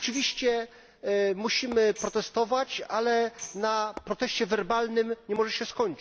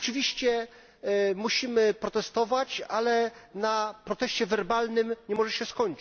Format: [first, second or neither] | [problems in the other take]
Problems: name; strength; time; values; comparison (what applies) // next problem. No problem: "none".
second | background sound (Tap / Hammer + Tambourine); 19 dB below the speech